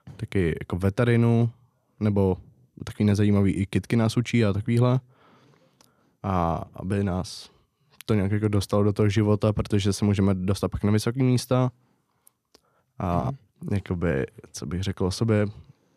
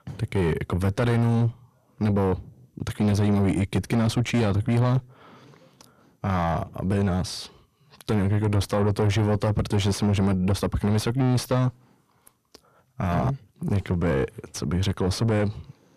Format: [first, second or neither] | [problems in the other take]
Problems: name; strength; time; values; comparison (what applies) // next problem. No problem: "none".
first | distortion; heavy; 7 dB below the speech